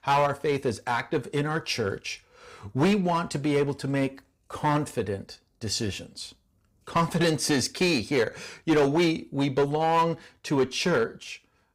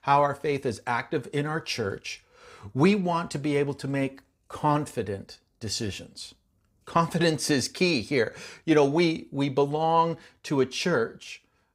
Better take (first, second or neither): second